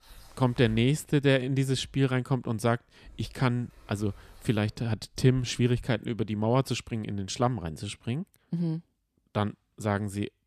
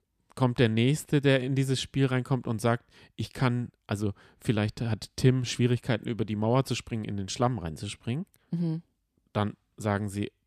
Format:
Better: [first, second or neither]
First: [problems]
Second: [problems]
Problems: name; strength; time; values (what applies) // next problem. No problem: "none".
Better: second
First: household noises; faint; until 6 s; 25 dB below the speech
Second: none